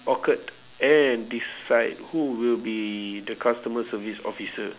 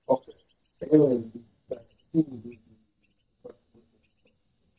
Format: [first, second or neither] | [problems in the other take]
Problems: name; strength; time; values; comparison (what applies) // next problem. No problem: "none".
first | noise reduction (neural mask model DeepFilterNet 3)